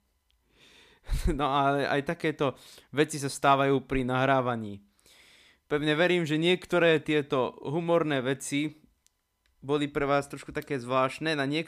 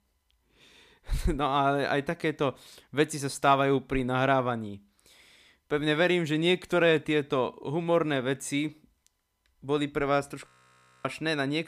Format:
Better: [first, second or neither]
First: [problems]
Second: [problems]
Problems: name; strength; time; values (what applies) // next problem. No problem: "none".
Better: first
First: none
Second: audio freezing; at 10 s for 0.5 s